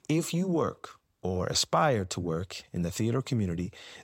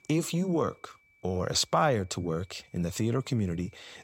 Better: first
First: none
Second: high-pitched whine; faint; throughout; 2.5 kHz, 30 dB below the speech

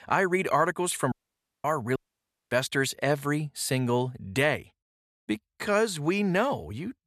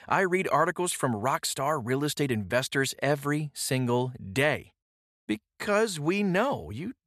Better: second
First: audio cutting out; at 1 s for 0.5 s and at 2 s for 0.5 s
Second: none

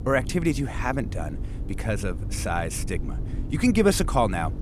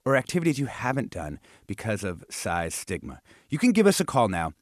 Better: second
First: low rumble; noticeable; throughout; 15 dB below the speech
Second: none

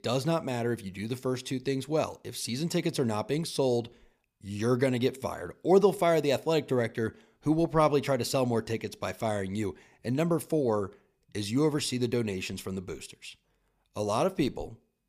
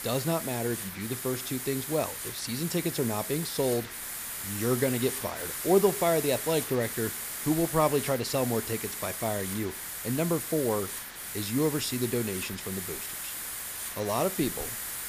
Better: first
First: none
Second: hiss; loud; throughout; 4 dB below the speech

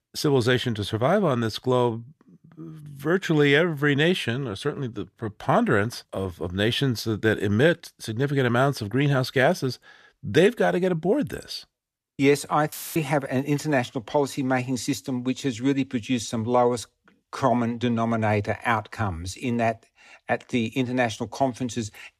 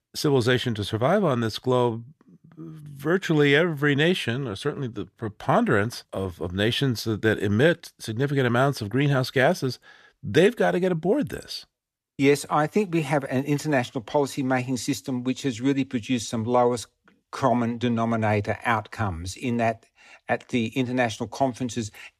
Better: second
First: audio cutting out; filled with static; at 13 s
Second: none

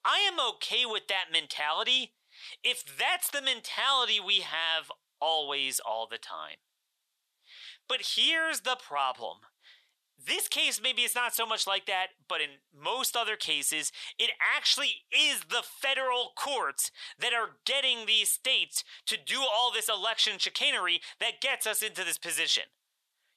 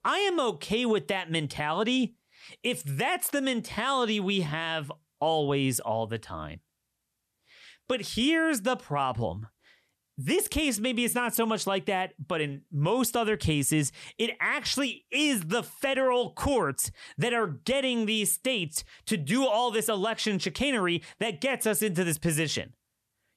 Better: second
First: thin; very; fading below 850 Hz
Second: none

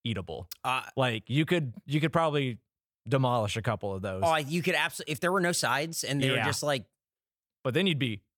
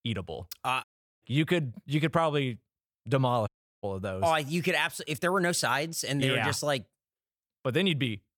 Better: first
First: none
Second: audio cutting out; at 1 s and at 3.5 s

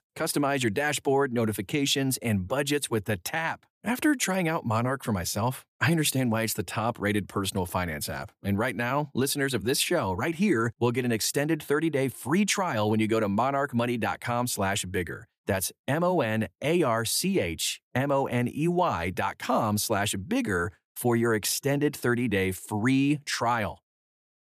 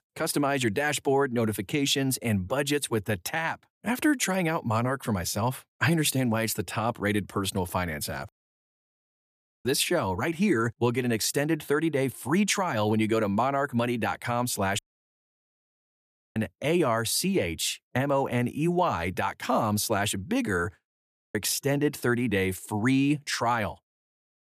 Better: first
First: none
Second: audio cutting out; at 8.5 s for 1.5 s, at 15 s for 1.5 s and at 21 s

